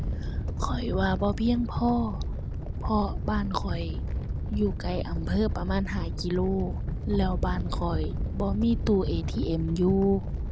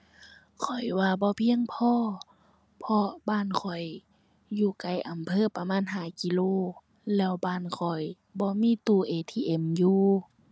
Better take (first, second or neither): second